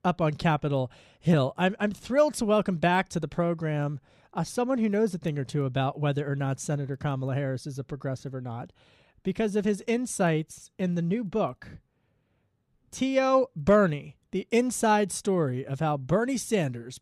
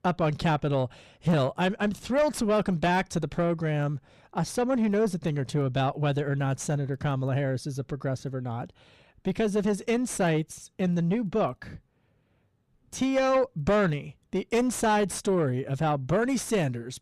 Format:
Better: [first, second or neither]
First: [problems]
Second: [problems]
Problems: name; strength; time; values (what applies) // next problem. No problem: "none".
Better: first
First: none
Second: distortion; slight; 9 dB below the speech